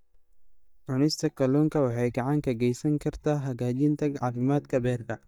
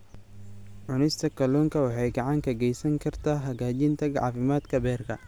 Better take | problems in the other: second | noise reduction (neural mask model DeepFilterNet 3)

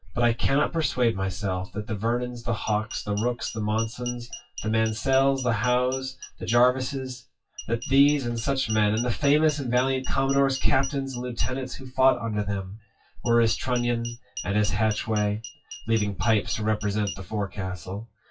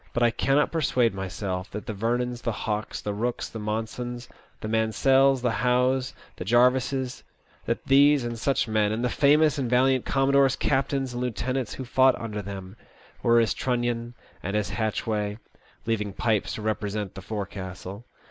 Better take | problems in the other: second | noise reduction (classical method WPE with log-MMSE)

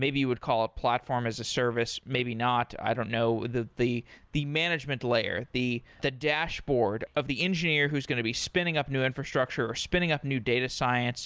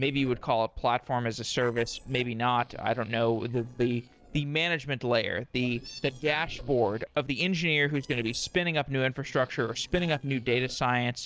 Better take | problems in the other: first | noise reduction (neural separator model SepFormer DNS4)

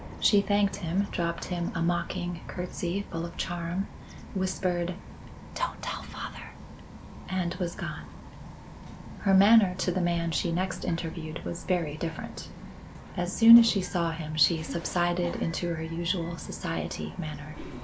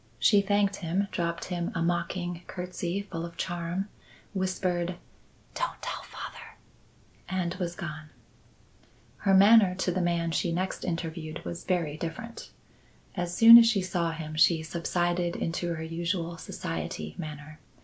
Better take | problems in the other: second | background sound (Bird vocalization, bird call, bird song); 13 dB below the speech

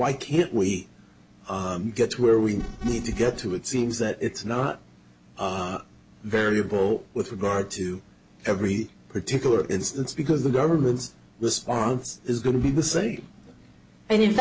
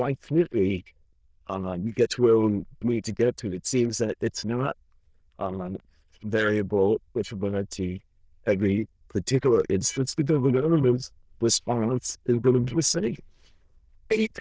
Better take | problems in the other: first | noise reduction (neural diffusion model UNIVERSE++)

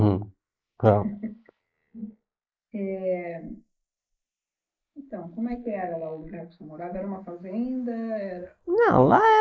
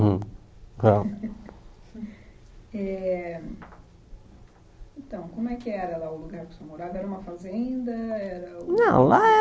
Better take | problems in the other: second | noise reduction (neural mask model Resemble Enhance denoiser)

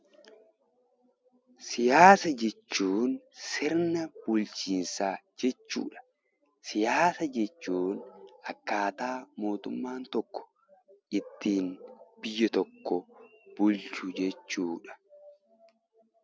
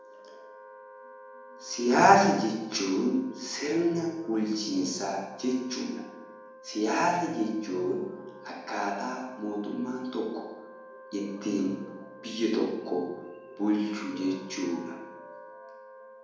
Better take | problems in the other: first | background sound (Wind instrument, woodwind instrument); 19 dB below the speech // room echo; dies away in 0.9 s

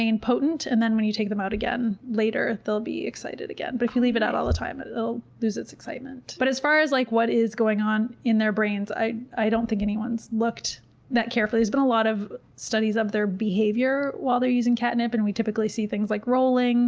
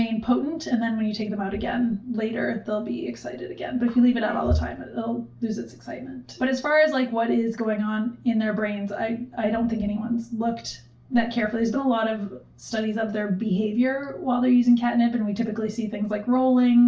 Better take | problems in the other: first | room echo; dies away in 0.3 s

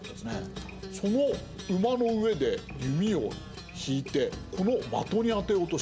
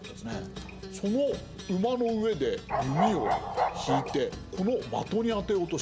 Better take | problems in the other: first | background sound (Bark); as loud as the speech

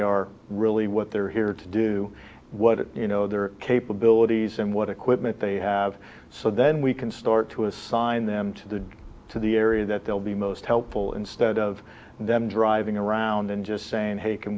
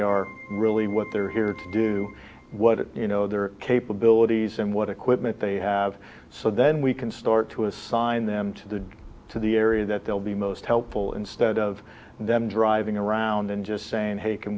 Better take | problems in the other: first | background sound (Keyboard (musical)); 19 dB below the speech

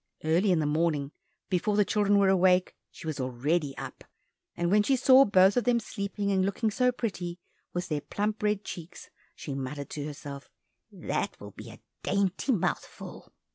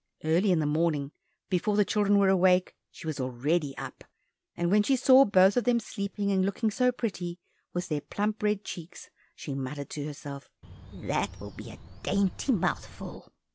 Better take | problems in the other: first | background sound (Bird); 17 dB below the speech

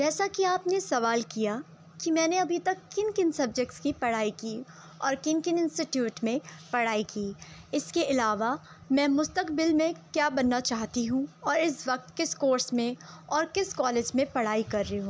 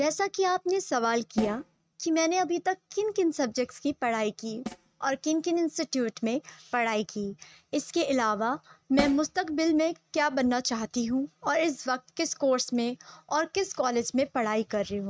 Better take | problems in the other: first | noise reduction (neural mask model RNNoise)

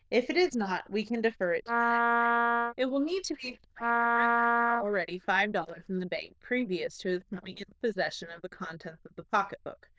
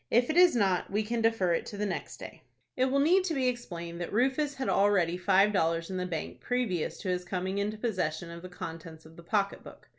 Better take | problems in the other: second | noise reduction (neural diffusion model UNIVERSE++)

